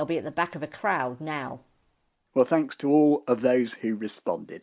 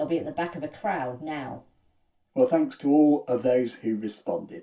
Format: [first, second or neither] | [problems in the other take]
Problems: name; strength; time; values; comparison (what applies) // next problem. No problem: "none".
first | room echo; dies away in 0.2 s